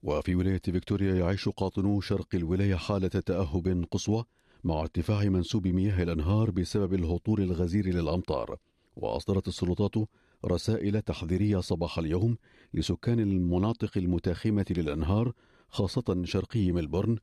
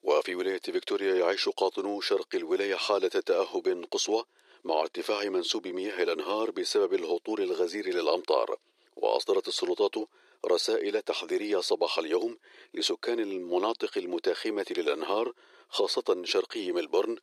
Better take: first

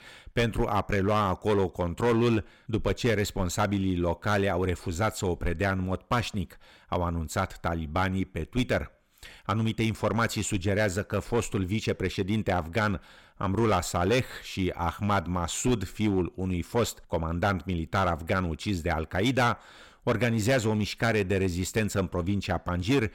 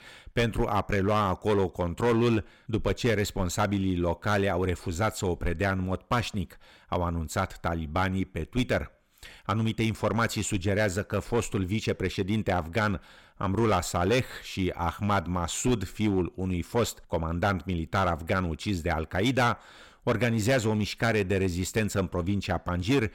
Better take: neither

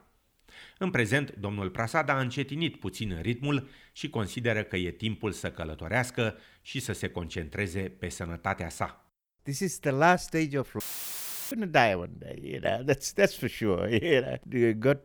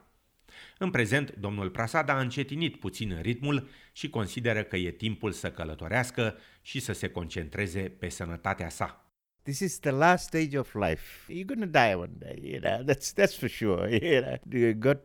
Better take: second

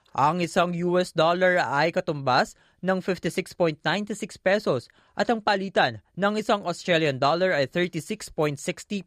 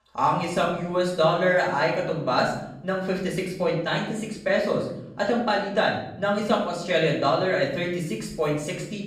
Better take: first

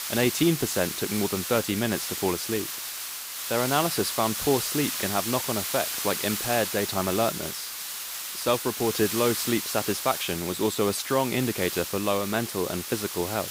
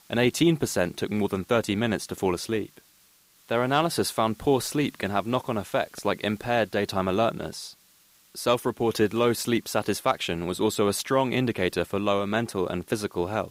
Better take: second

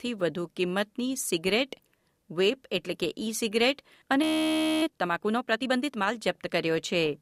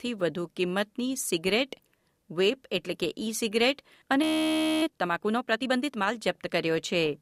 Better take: neither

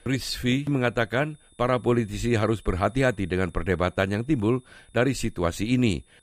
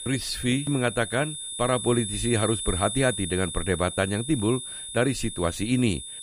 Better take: first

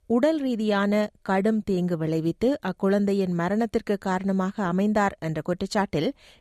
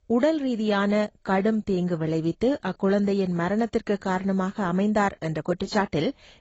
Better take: first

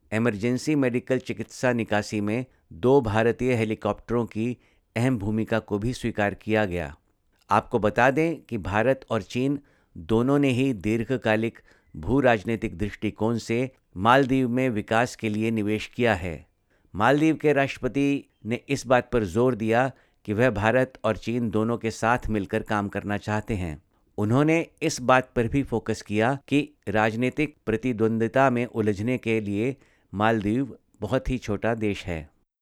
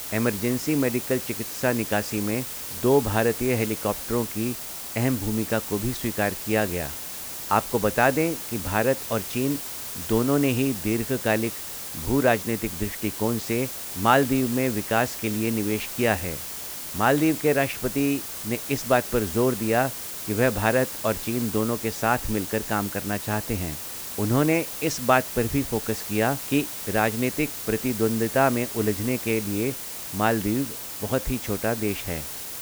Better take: first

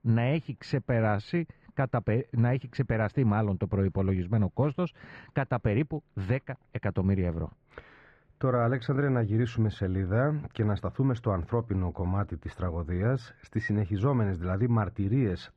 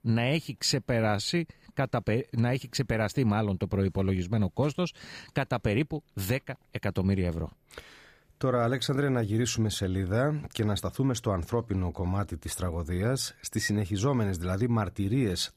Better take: second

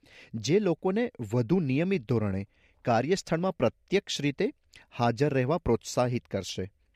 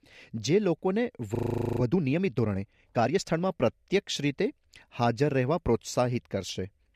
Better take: first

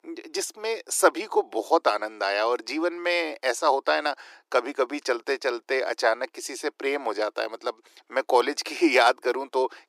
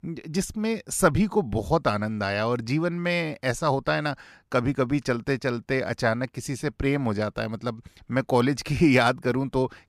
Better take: second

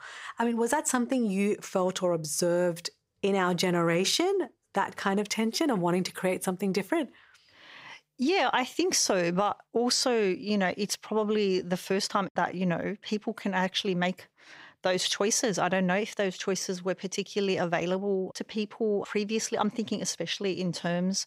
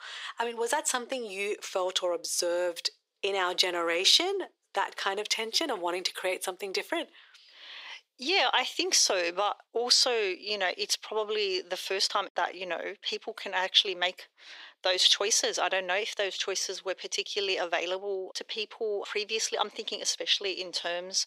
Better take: first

